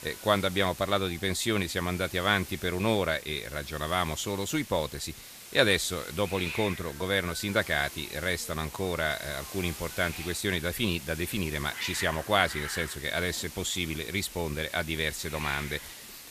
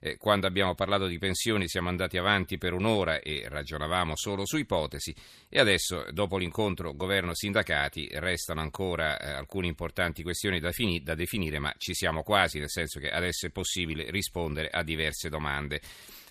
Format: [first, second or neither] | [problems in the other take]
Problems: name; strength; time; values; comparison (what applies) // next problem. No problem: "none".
second | hiss; noticeable; throughout; 10 dB below the speech